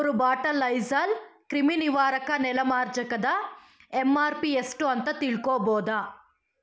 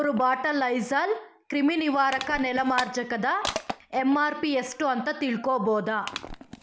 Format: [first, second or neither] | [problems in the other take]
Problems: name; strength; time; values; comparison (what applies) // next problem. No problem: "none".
first | background sound (Crushing); 14 dB below the speech